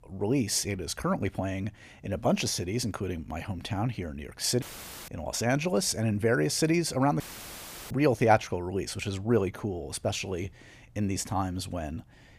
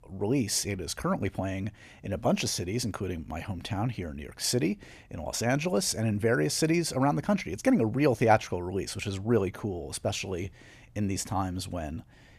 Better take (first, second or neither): second